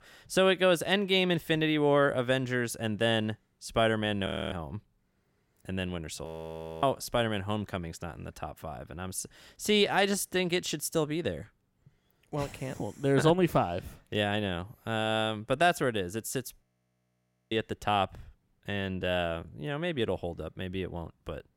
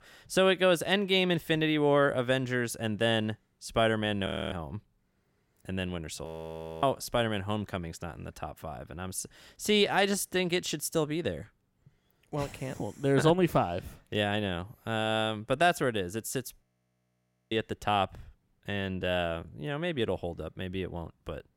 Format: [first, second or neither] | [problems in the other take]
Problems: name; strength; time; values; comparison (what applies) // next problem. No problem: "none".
neither | audio freezing; at 4.5 s, at 6.5 s for 0.5 s and at 17 s for 1 s; the same in both